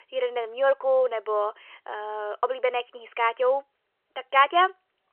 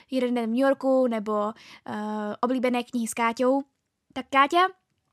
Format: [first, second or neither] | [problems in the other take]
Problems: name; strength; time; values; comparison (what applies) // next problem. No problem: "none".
second | phone-call audio; nothing above 3 kHz